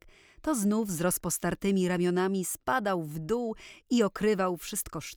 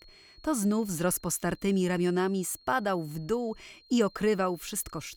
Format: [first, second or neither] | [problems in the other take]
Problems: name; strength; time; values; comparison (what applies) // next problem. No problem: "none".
first | high-pitched whine; faint; throughout; 4.5 kHz, 25 dB below the speech